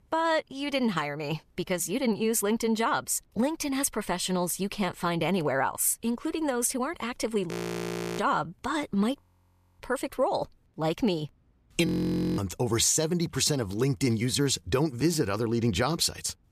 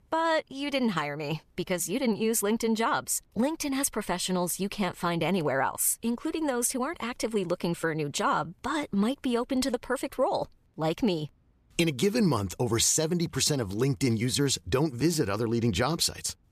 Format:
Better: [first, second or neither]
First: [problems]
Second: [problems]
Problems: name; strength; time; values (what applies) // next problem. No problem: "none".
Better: second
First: audio freezing; at 7.5 s for 0.5 s, at 9 s for 0.5 s and at 12 s for 0.5 s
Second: none